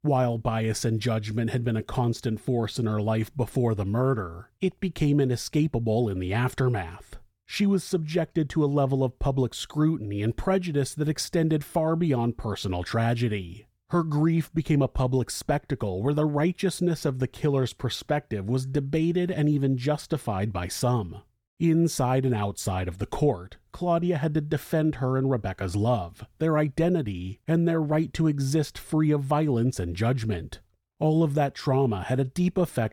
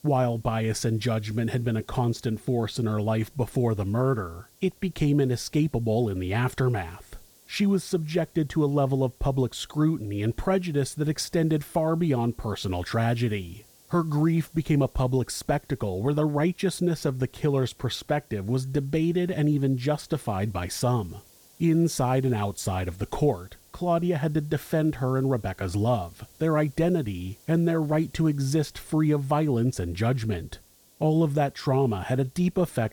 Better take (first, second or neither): first